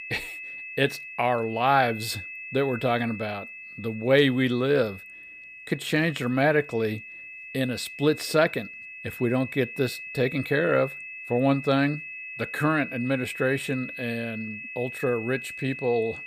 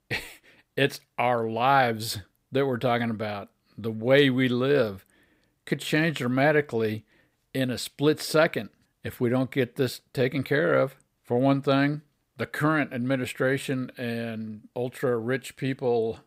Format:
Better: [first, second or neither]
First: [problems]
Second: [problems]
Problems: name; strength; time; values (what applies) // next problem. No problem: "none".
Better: second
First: high-pitched whine; noticeable; throughout; 2.5 kHz, 10 dB below the speech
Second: none